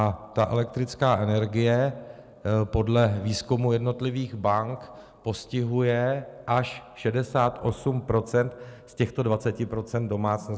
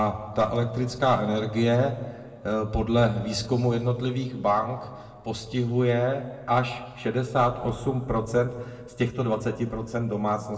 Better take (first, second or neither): first